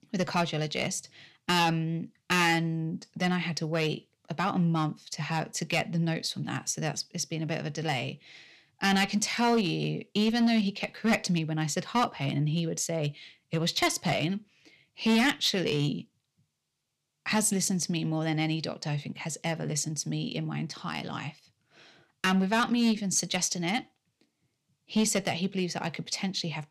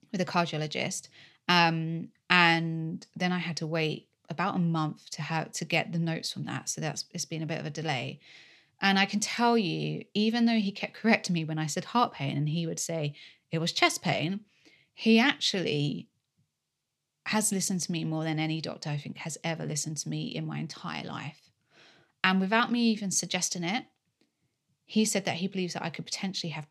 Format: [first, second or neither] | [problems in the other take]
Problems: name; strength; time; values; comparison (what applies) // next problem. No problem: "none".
second | distortion; slight; 3% of the sound clipped